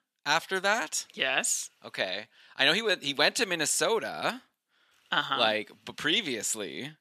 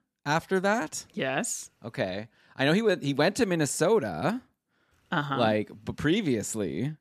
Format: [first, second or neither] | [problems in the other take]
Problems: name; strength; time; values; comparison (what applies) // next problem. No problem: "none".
second | thin; somewhat; fading below 1 kHz